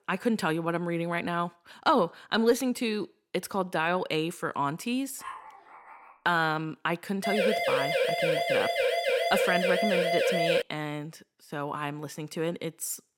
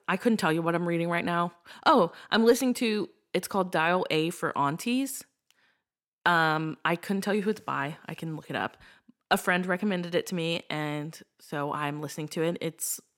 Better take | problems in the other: second | dog barking; faint; at 5 s; peak 10 dB below the speech // siren; loud; from 7 to 11 s; peak 4 dB above the speech

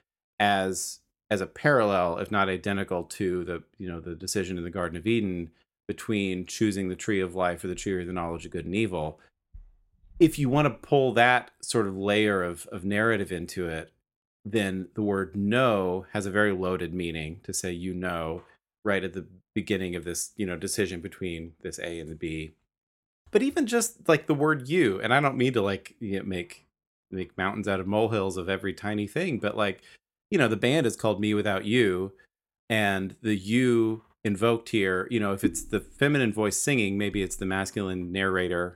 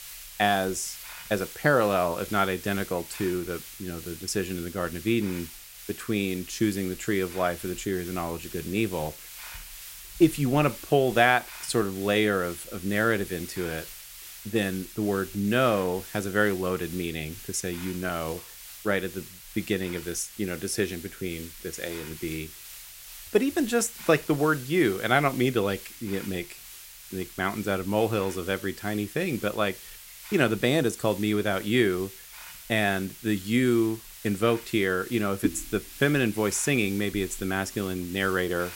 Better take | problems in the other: first | hiss; noticeable; throughout; 15 dB below the speech

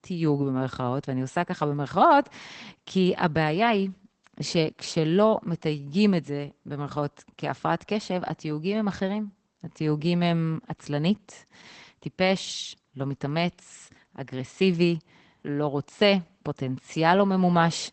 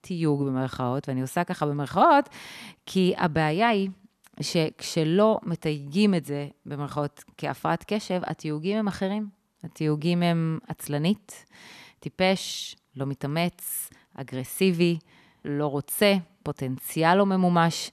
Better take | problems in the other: second | garbled, watery; badly; nothing above 8 kHz

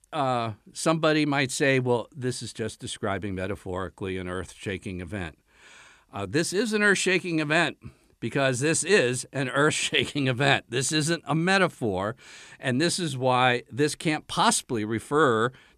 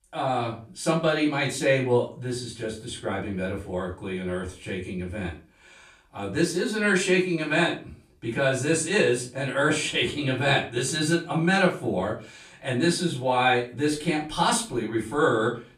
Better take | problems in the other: first | off-mic speech; far // room echo; slight; dies away in 0.3 s

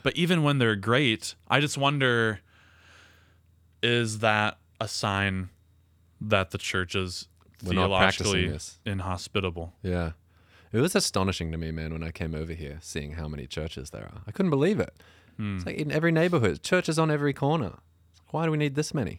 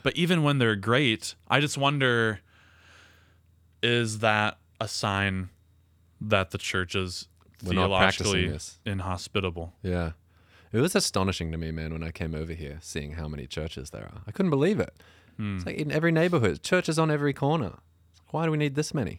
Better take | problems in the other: neither | none

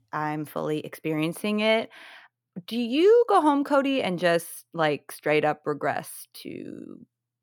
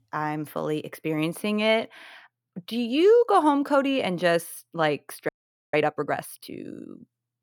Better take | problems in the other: first | audio freezing; at 5.5 s

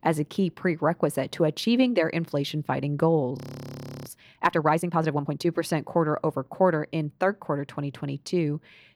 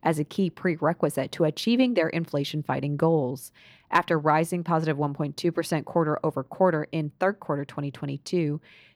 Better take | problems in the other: second | audio freezing; at 3.5 s for 0.5 s

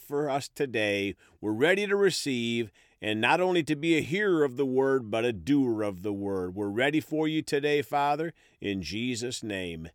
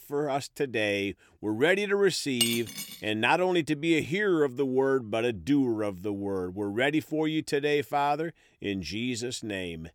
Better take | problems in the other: first | clattering dishes; loud; at 2.5 s; peak level with the speech

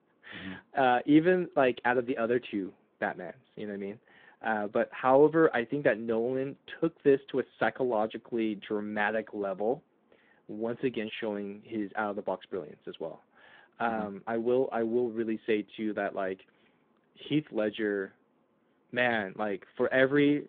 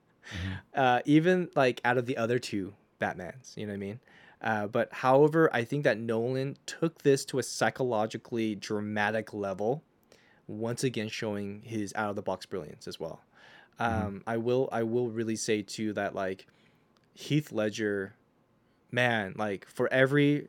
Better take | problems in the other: second | phone-call audio

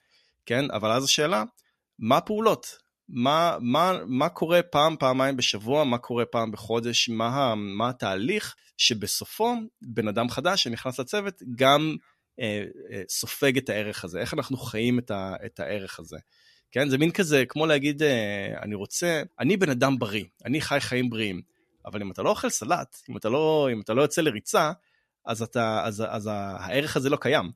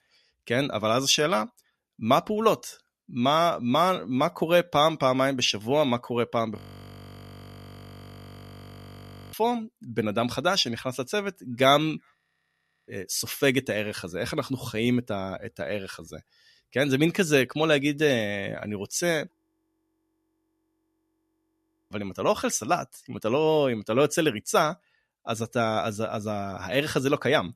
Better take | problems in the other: first | audio freezing; at 6.5 s for 3 s, at 12 s for 0.5 s and at 19 s for 2.5 s

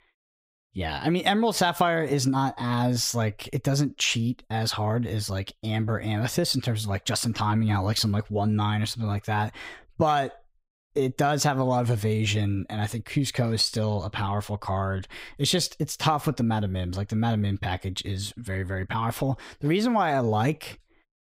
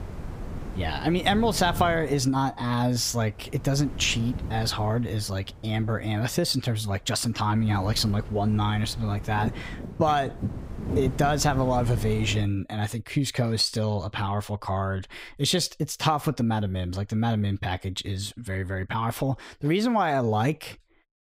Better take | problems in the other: first | wind noise on the microphone; occasional gusts; until 12 s; 15 dB below the speech

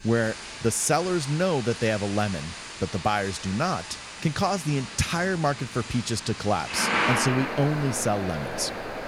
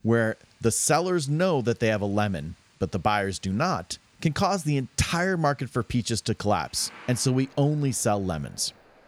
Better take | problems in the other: second | rain or running water; loud; throughout; 6 dB below the speech; faint in the second

